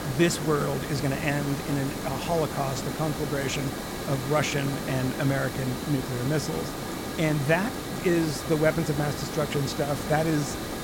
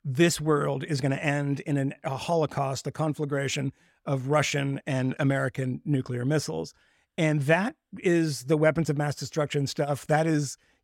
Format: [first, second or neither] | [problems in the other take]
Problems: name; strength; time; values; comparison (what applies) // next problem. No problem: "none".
second | hiss; loud; throughout; 5 dB below the speech